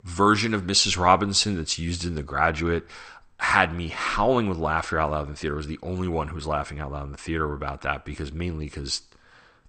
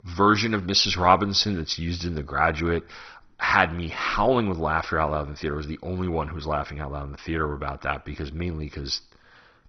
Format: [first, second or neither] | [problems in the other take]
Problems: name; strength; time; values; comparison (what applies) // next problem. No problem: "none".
first | garbled, watery; badly; nothing above 6 kHz; slightly in the first